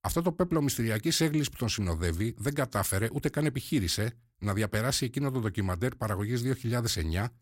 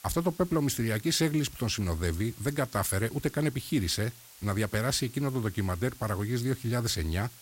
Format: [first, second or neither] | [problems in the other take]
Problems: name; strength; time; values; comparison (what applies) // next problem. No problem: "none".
first | hiss; noticeable; throughout; 20 dB below the speech